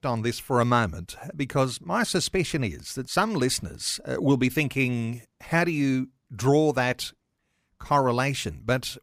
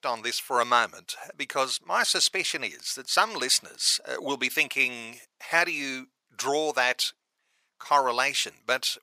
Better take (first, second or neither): first